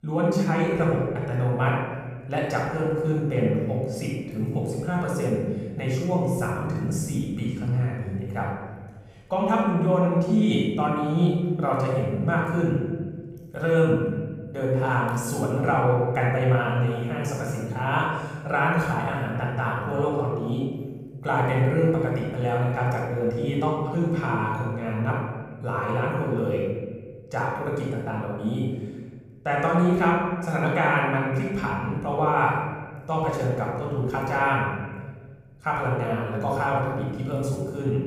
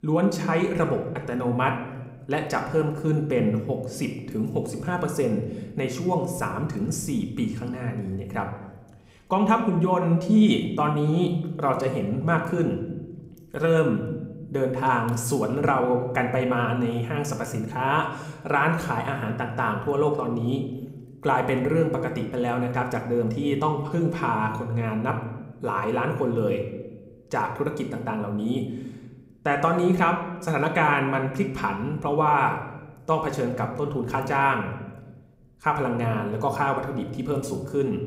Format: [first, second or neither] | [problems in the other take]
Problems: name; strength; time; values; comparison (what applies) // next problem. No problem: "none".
second | room echo; strong; dies away in 1.4 s; slight in the second // off-mic speech; far